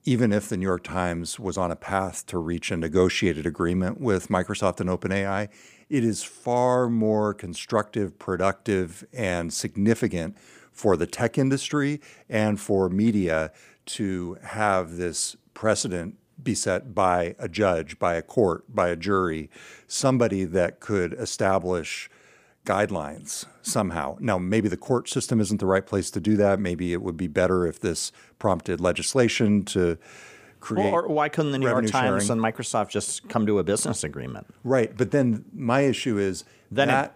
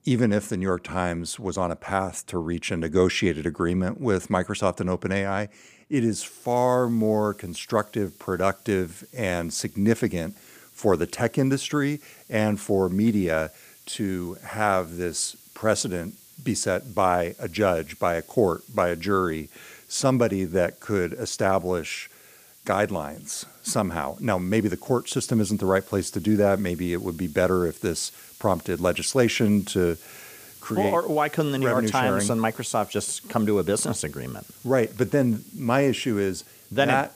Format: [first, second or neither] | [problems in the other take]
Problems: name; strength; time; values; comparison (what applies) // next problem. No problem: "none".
first | hiss; faint; from 6 s on; 20 dB below the speech